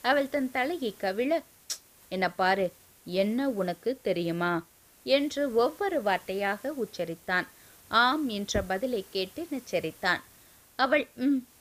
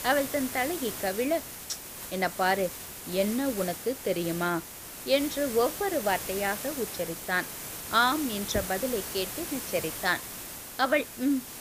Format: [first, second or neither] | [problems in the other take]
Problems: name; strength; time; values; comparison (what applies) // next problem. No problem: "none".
first | hiss; loud; throughout; 7 dB below the speech; faint in the first